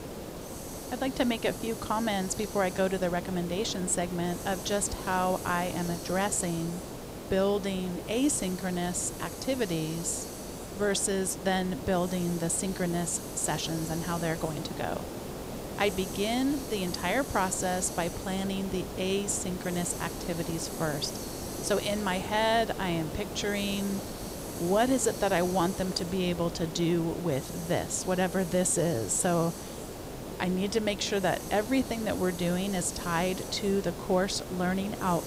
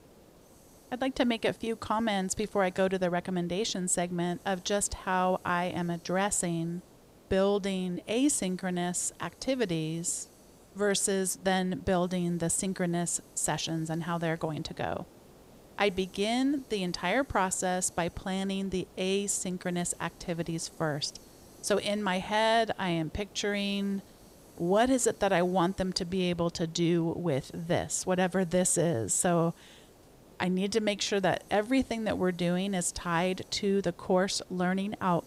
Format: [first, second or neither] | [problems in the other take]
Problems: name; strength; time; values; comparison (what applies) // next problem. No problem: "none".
second | hiss; loud; throughout; 8 dB below the speech; faint in the second